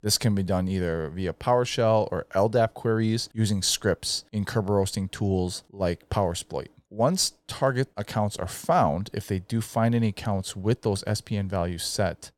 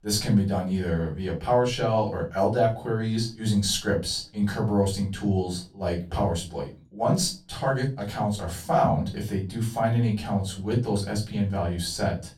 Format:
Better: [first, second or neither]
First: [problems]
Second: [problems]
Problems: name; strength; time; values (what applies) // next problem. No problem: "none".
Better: first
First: none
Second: off-mic speech; far // room echo; slight; dies away in 0.3 s